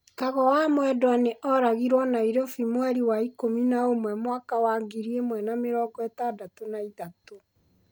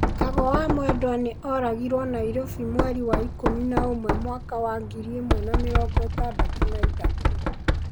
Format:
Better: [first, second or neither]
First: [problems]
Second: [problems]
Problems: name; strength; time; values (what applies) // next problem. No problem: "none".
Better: first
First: none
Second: background sound (Knock); 3 dB above the speech